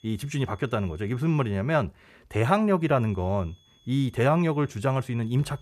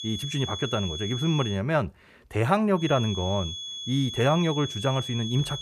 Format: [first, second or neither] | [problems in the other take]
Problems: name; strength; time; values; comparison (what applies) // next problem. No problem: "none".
first | high-pitched whine; loud; until 1.5 s and from 3 s on; 3.5 kHz, 7 dB below the speech; faint in the first